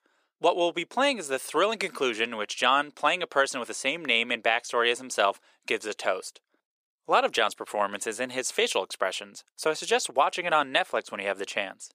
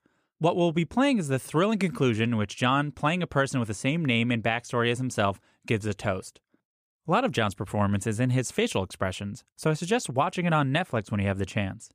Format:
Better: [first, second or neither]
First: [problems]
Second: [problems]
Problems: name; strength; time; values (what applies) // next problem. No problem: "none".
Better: second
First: thin; very; fading below 450 Hz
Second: none